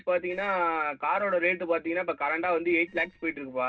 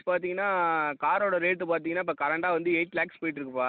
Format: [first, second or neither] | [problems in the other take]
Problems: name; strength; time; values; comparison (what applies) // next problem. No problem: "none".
second | noise reduction (neural separator model SepFormer DNS4)